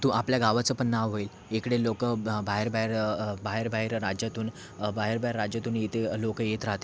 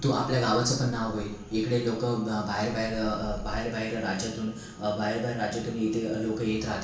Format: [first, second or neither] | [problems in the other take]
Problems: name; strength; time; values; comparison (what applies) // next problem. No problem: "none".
first | background sound (Gull, seagull); 16 dB below the speech // room echo; dies away in 0.6 s